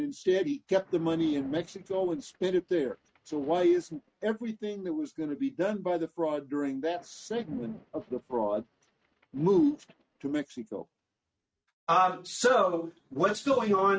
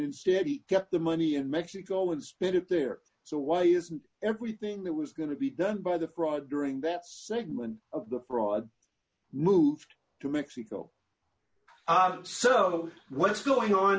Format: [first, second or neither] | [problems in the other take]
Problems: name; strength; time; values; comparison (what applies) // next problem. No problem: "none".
second | noise reduction (neural mask model RNNoise)